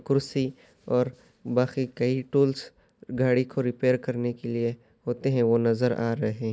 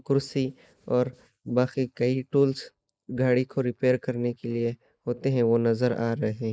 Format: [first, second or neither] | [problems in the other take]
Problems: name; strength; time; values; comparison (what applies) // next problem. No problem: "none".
first | noise reduction (neural mask model Resemble Enhance denoiser)